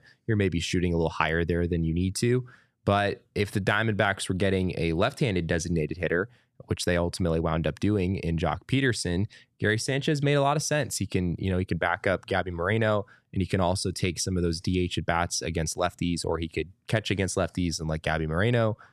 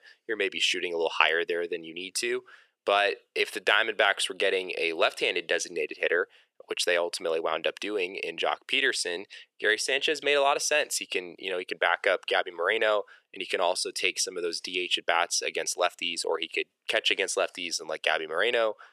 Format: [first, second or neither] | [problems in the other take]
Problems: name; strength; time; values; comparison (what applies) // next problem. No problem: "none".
first | thin; very; fading below 450 Hz